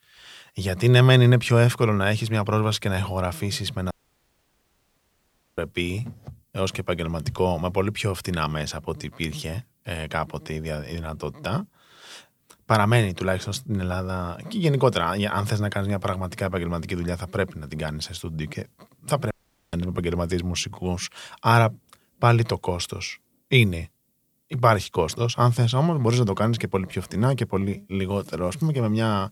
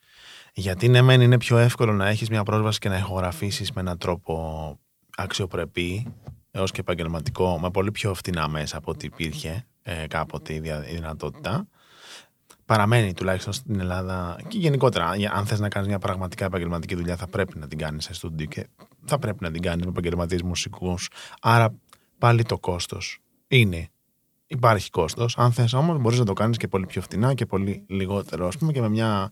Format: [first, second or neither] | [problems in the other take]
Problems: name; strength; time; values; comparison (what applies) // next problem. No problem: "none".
second | audio cutting out; at 4 s for 1.5 s and at 19 s